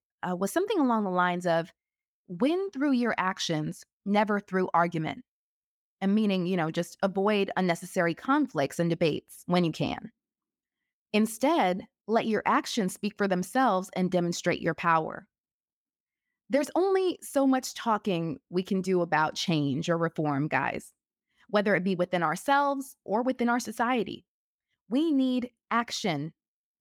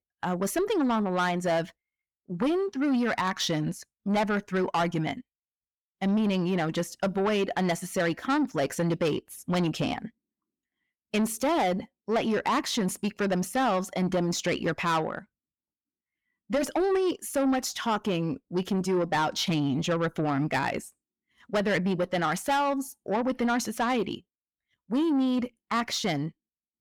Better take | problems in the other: first | distortion; slight; 10 dB below the speech

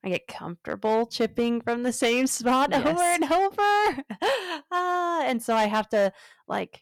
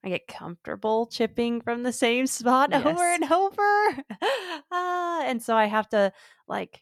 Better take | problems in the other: second | distortion; slight; 7% of the sound clipped

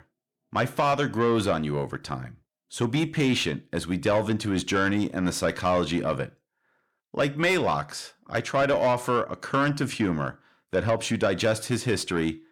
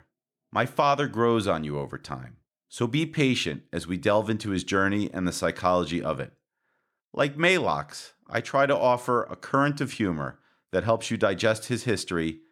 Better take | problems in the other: second | distortion; slight; 10 dB below the speech

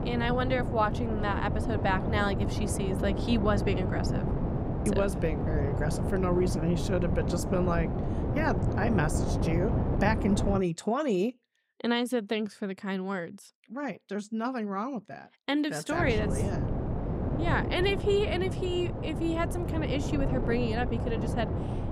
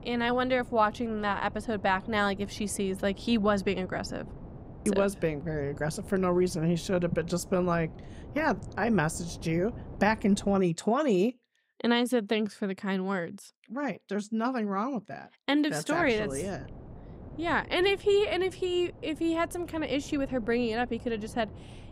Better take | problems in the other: second | wind noise on the microphone; heavy; until 11 s and from 16 s on; 5 dB below the speech; occasional gusts in the second

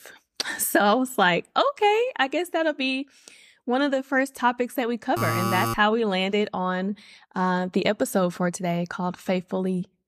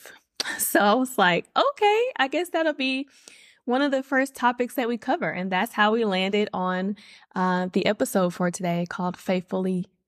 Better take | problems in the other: second | alarm; noticeable; at 5 s; peak 1 dB below the speech

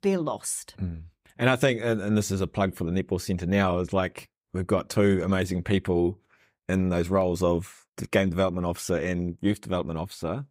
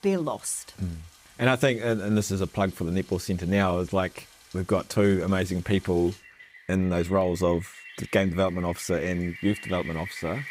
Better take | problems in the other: first | rain or running water; noticeable; throughout; 20 dB below the speech

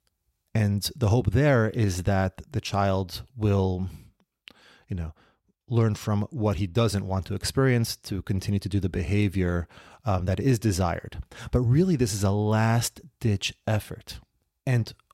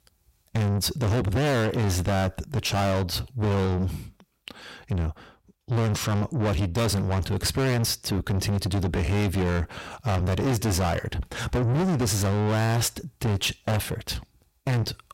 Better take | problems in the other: first | distortion; heavy; 5 dB below the speech

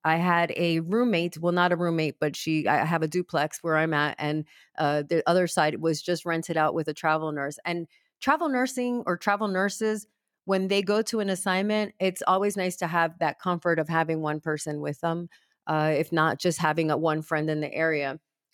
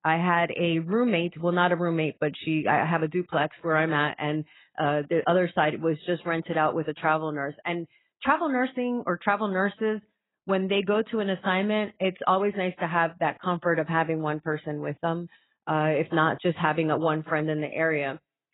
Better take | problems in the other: first | garbled, watery; badly; nothing above 4 kHz

